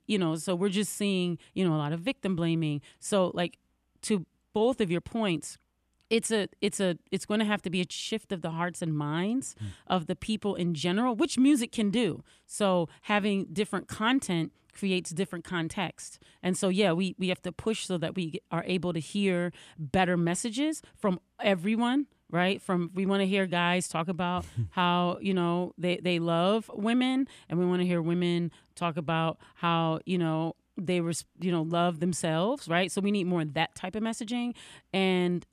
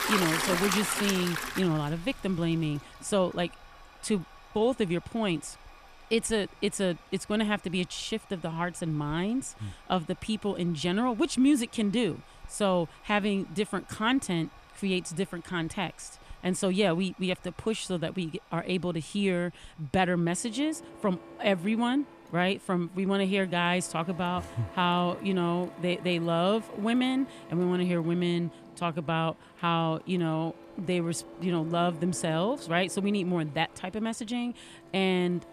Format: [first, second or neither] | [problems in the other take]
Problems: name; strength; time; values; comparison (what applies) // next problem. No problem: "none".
first | household noises; loud; throughout; 10 dB below the speech